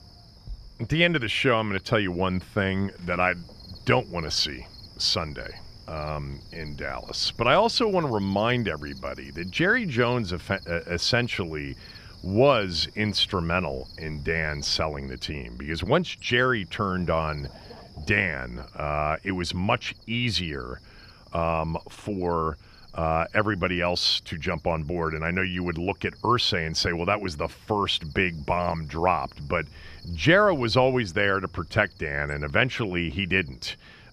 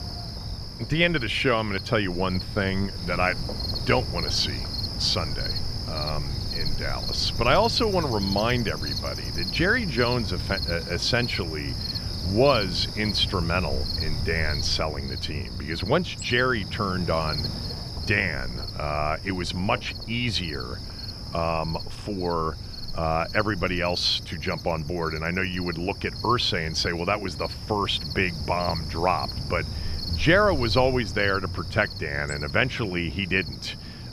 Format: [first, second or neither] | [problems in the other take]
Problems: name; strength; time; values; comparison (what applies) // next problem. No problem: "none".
first | animal sounds; loud; throughout; 6 dB below the speech; faint in the first